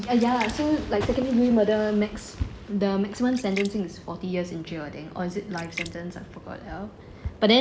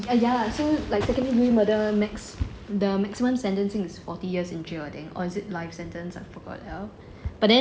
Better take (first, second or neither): second